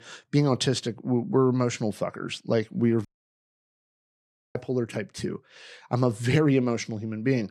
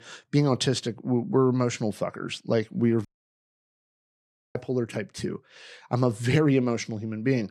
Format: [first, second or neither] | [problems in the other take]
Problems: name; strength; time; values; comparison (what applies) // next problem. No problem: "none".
neither | audio cutting out; at 3 s for 1.5 s; the same in both